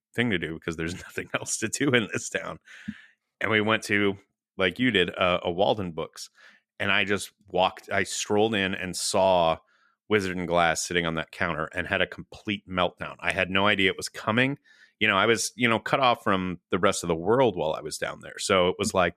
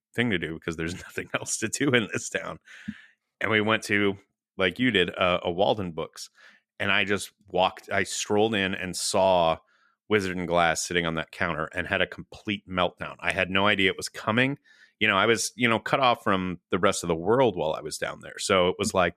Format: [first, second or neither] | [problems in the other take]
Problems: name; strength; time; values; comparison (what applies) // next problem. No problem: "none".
neither | none